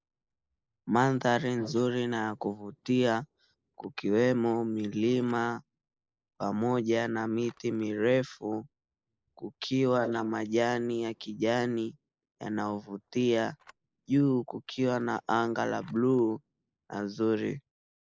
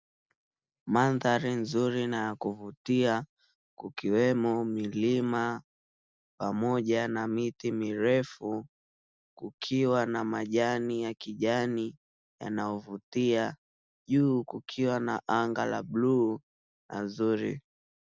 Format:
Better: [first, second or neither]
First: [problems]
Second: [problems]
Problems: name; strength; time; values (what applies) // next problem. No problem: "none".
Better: second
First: noise reduction (neural mask model Resemble Enhance denoiser)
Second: none